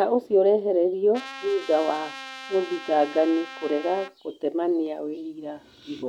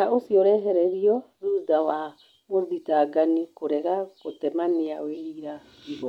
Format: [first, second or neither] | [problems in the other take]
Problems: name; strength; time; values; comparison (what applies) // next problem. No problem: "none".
second | background sound (Trumpet); 15 dB below the speech